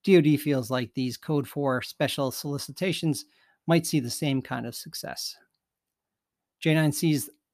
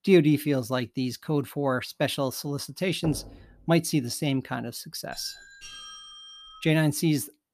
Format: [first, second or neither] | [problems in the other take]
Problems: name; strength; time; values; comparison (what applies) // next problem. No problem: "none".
first | door banging; faint; at 3 s; peak 10 dB below the speech // doorbell; faint; from 5 to 6.5 s; peak 15 dB below the speech